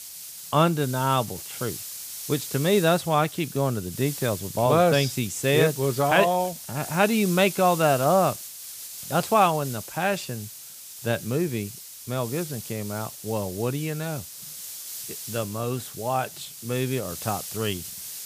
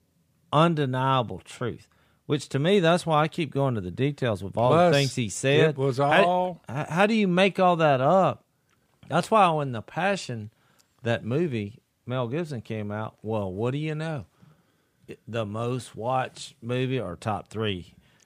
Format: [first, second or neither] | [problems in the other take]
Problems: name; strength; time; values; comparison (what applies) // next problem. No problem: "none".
second | hiss; noticeable; throughout; 10 dB below the speech